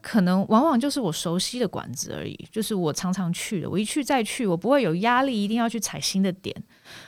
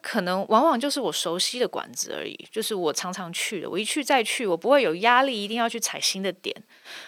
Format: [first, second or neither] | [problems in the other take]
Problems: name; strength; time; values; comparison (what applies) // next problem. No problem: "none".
first | thin; somewhat; fading below 400 Hz